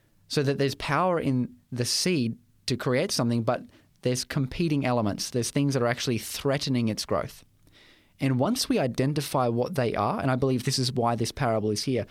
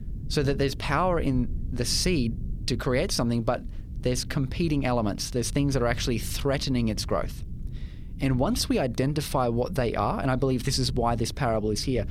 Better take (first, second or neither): first